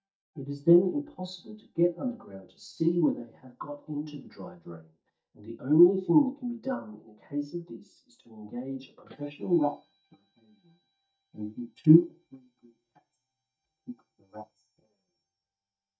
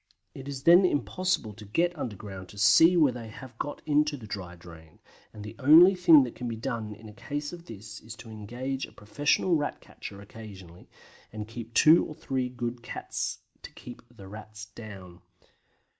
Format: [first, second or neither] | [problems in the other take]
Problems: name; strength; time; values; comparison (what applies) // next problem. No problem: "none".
second | noise reduction (neural mask model DeepFilterNet 3)